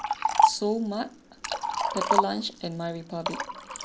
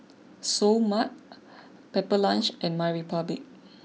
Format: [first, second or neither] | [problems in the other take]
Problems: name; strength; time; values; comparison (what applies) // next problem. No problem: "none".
second | background sound (Liquid); 4 dB above the speech